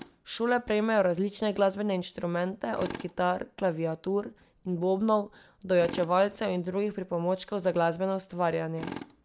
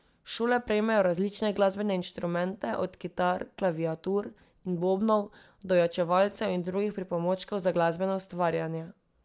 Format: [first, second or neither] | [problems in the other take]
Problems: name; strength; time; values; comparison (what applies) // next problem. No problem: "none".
second | background sound (Tools); 19 dB below the speech